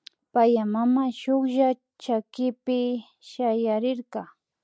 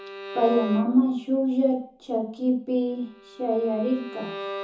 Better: first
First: none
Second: background sound (Bowed string instrument); 13 dB below the speech // room echo; dies away in 0.5 s

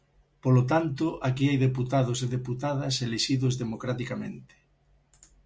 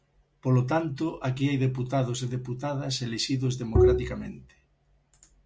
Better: first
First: none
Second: background sound (Bowed string instrument); 4 dB above the speech

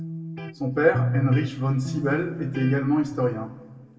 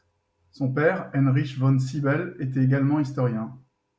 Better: second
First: background sound (Electric guitar); 6 dB below the speech // room echo; dies away in 1.4 s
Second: none

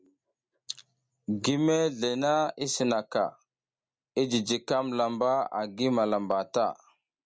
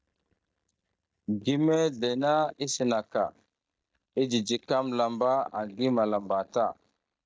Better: first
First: none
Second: noise reduction (neural mask model DeepFilterNet 3)

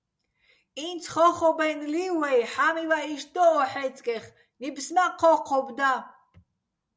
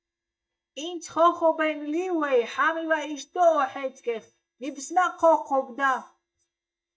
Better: first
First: none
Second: noise reduction (neural mask model DeepFilterNet 3)

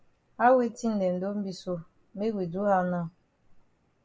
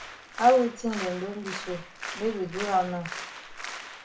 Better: first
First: none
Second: background sound (Applause); 11 dB below the speech // room echo; dies away in 0.3 s

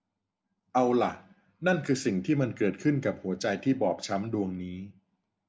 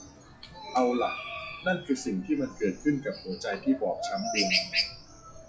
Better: first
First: none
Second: noise reduction (classical method WPE with log-MMSE)

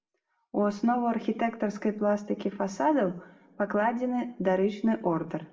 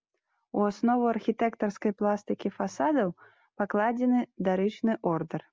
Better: second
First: room echo; dies away in 0.5 s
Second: none

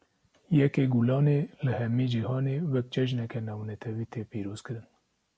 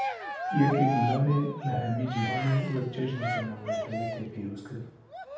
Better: first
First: none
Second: background sound (Cheering); 4 dB below the speech // room echo; dies away in 0.8 s

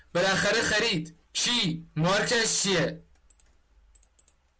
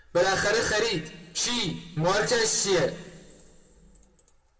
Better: first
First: none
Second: room echo; dies away in 1.1 s

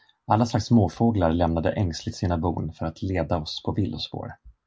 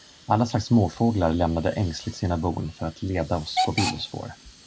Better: first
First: none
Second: background sound (Hiss / Alarm / Train); 10 dB below the speech

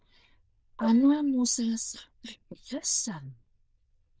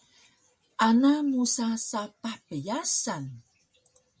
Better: second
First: noise reduction (neural diffusion model UNIVERSE++)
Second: none

